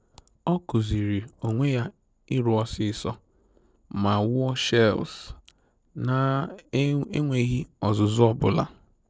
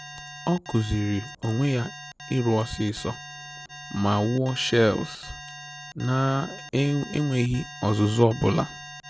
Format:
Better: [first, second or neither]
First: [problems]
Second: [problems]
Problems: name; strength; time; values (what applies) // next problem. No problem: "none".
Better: first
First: none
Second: background sound (Alarm); 15 dB below the speech